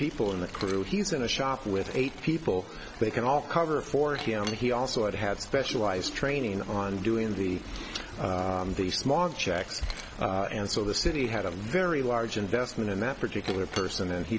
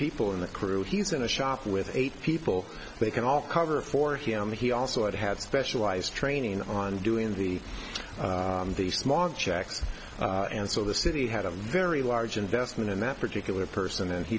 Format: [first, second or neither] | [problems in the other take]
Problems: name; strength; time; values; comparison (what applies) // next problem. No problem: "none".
second | background sound (Liquid); 18 dB below the speech